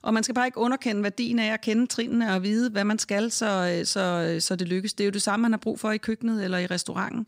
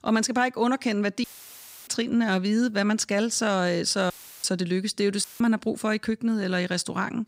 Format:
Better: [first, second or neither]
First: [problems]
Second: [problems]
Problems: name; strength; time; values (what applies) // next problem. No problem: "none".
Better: first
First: none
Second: audio cutting out; filled with static; at 1 s for 0.5 s, at 4 s and at 5 s